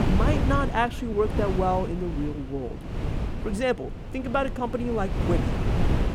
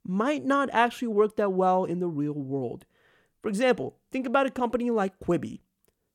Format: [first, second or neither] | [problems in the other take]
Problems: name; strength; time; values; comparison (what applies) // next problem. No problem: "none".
second | wind noise on the microphone; heavy; 8 dB below the speech